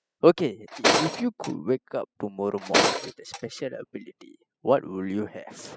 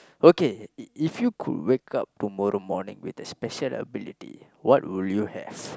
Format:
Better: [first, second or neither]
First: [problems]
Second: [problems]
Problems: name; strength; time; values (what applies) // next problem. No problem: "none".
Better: second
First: noise reduction (classical method spectral subtraction)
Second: none